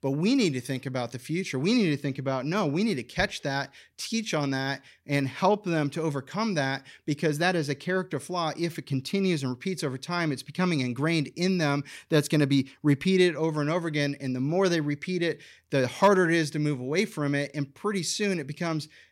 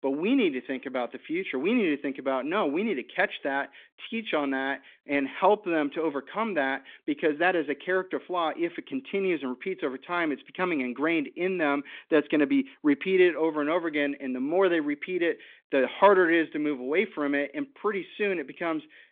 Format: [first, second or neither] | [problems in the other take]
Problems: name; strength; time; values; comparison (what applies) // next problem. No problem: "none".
first | phone-call audio; nothing above 3.5 kHz